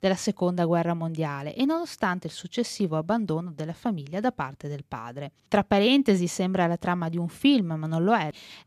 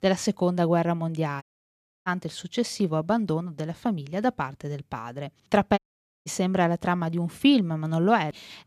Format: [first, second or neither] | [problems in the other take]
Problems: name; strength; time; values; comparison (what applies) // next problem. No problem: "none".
first | audio cutting out; at 1.5 s for 0.5 s and at 6 s